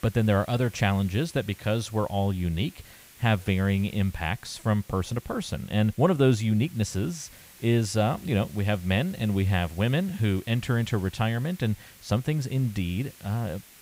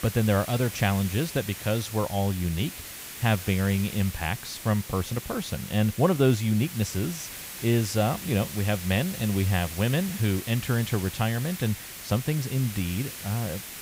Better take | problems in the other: first | hiss; loud; throughout; 10 dB below the speech; faint in the first

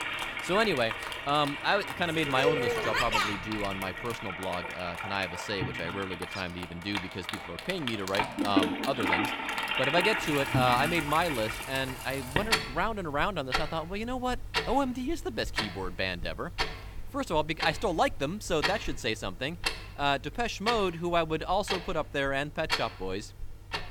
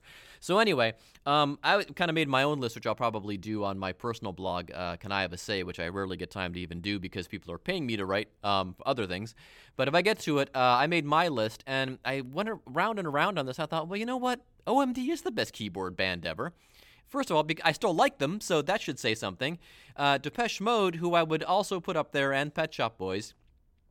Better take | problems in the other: second | household noises; loud; throughout; 1 dB below the speech

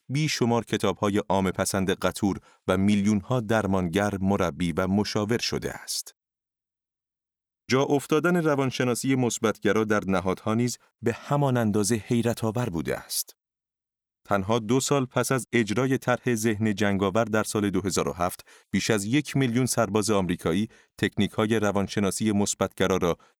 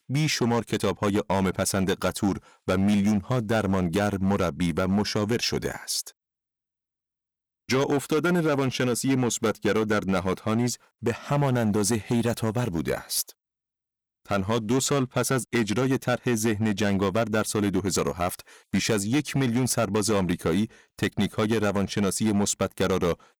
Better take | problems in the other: first | distortion; slight; 9% of the sound clipped

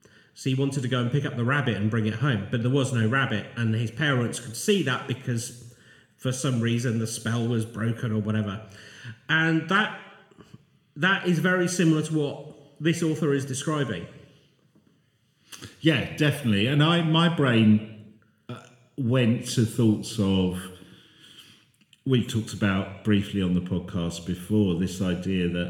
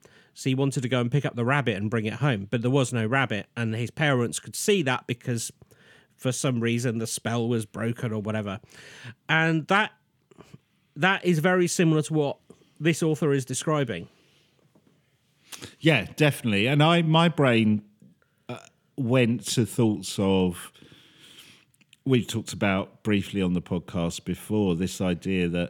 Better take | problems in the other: second | room echo; slight; dies away in 0.9 s

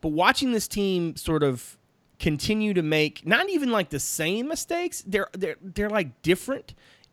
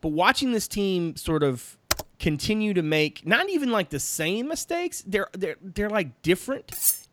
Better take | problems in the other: first | keyboard typing; noticeable; at 2 s; peak 3 dB below the speech // clattering dishes; loud; at 6.5 s; peak 3 dB above the speech

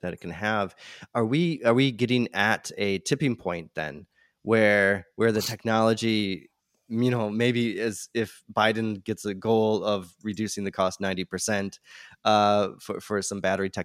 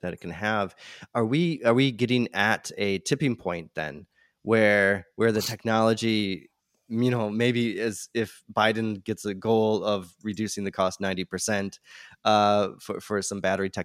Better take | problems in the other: neither | none

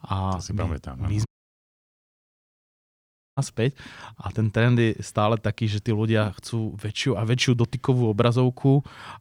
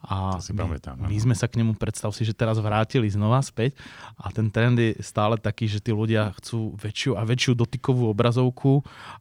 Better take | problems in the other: second | audio cutting out; at 1.5 s for 2 s

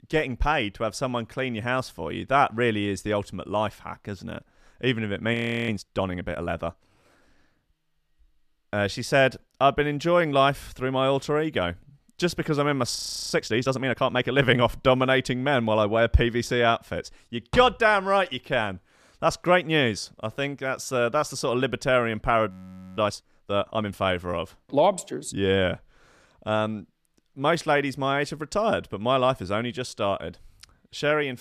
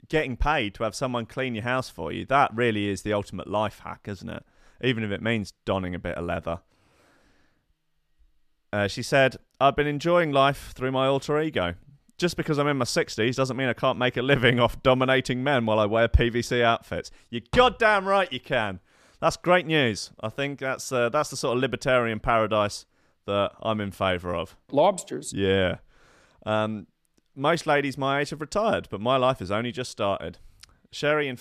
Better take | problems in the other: second | audio freezing; at 5.5 s, at 13 s and at 23 s

